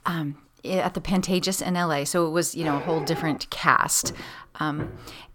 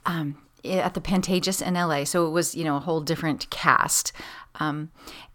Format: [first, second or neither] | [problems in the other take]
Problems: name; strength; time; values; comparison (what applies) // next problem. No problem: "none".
second | dog barking; noticeable; at 2.5 s; peak 8 dB below the speech // footsteps; faint; from 4 s on; peak 10 dB below the speech